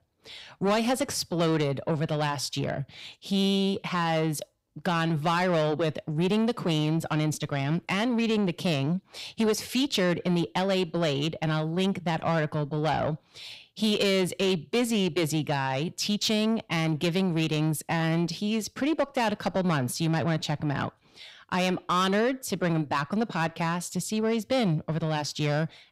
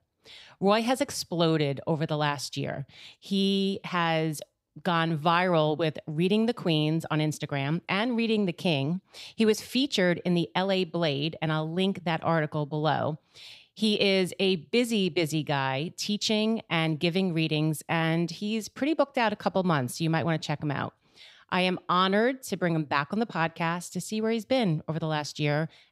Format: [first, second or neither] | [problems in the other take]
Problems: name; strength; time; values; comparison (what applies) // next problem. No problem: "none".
second | distortion; slight; 10 dB below the speech